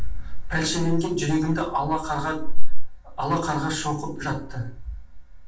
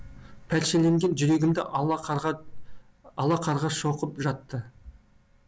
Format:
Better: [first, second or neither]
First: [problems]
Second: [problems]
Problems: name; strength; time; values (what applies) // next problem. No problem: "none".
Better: second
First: room echo; dies away in 0.4 s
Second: none